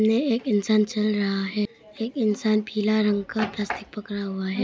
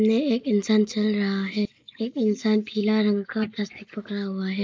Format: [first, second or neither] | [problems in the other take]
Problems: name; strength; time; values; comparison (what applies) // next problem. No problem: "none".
first | noise reduction (neural mask model Resemble Enhance denoiser)